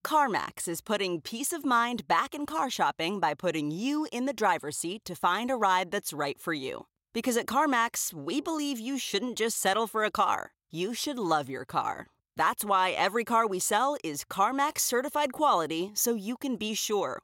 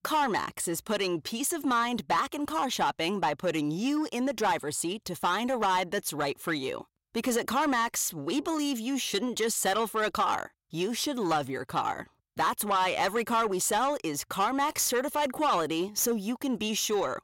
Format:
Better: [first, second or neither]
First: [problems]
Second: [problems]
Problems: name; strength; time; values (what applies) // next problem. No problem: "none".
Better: first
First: none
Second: distortion; slight; 10 dB below the speech